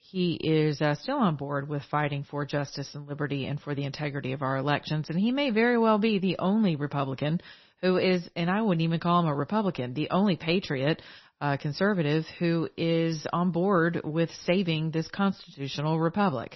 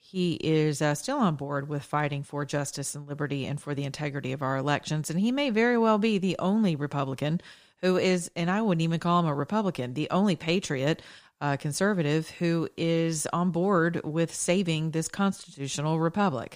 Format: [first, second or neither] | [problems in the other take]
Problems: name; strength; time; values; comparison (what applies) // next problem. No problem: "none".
second | garbled, watery; slightly; nothing above 6 kHz